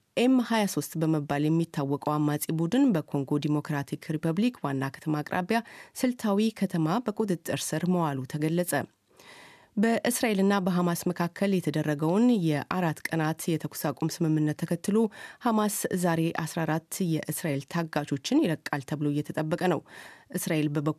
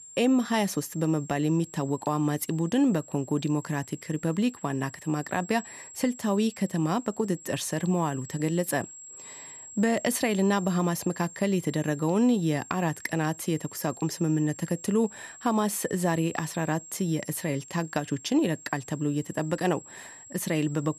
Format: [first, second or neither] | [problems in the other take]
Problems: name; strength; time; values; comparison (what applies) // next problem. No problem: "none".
first | high-pitched whine; noticeable; throughout; 7.5 kHz, 15 dB below the speech